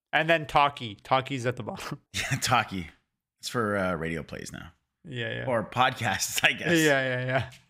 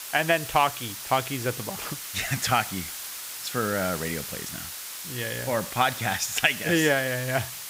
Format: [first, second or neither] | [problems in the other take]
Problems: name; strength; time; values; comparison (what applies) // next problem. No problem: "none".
first | hiss; loud; throughout; 8 dB below the speech